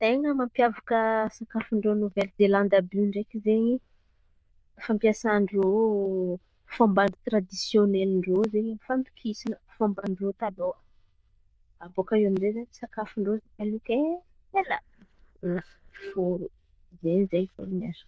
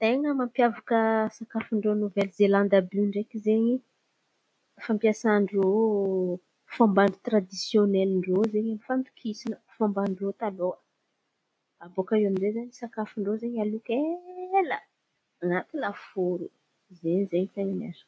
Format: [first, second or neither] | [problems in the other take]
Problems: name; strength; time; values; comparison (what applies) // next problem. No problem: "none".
second | noise reduction (neural diffusion model UNIVERSE++)